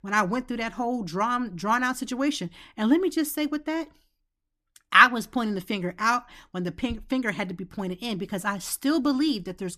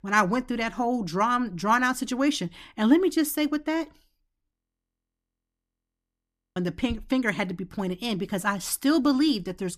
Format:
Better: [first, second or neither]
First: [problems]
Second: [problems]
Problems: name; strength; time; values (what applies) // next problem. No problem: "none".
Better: first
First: none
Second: audio freezing; at 4.5 s for 2 s